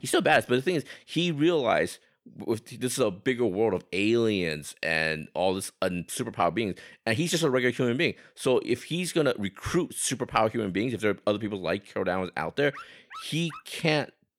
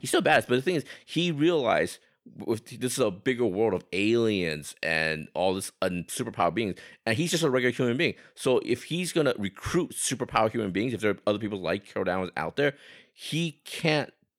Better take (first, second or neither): second